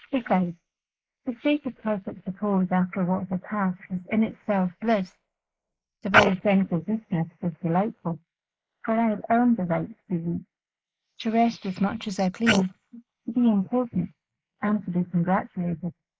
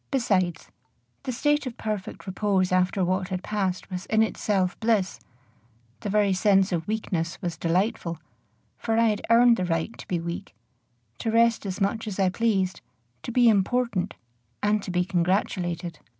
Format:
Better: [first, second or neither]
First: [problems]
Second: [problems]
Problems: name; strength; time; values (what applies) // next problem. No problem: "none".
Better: second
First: noise reduction (neural mask model Resemble Enhance denoiser)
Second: none